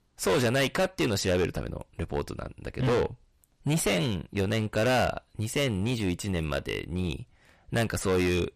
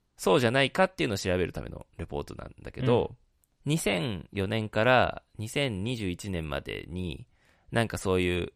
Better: second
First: distortion; heavy; 10% of the sound clipped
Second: none

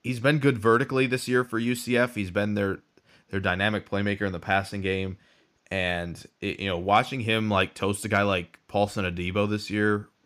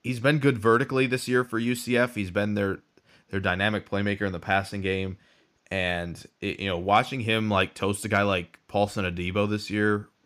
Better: neither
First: none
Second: none

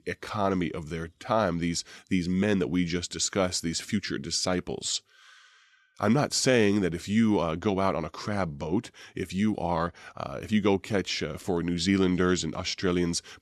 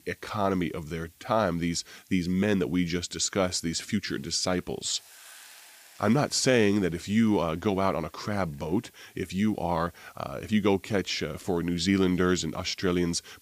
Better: first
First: none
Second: hiss; faint; throughout; 25 dB below the speech

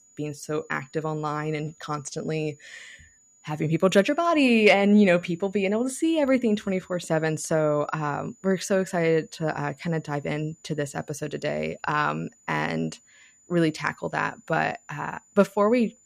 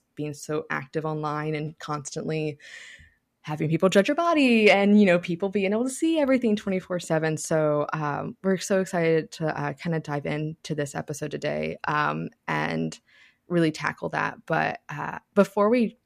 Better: second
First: high-pitched whine; faint; throughout; 7 kHz, 30 dB below the speech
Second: none

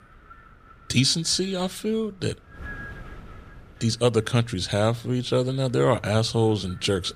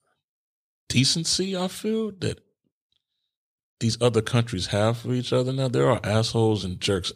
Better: second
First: wind noise on the microphone; occasional gusts; 20 dB below the speech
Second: none

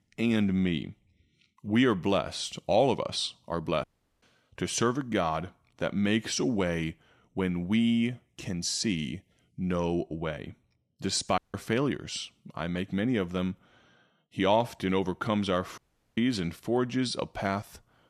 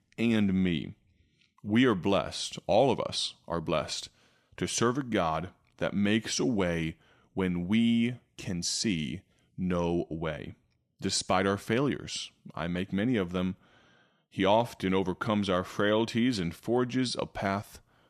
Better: second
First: audio cutting out; at 4 s, at 11 s and at 16 s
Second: none

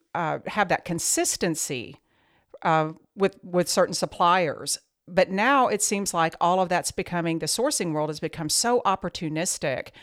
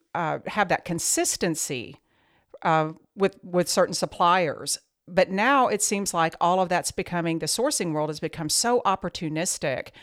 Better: neither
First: none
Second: none

